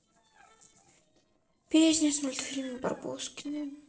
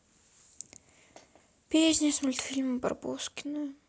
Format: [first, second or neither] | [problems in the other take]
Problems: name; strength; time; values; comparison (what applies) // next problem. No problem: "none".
second | noise reduction (neural separator model SepFormer DNS4)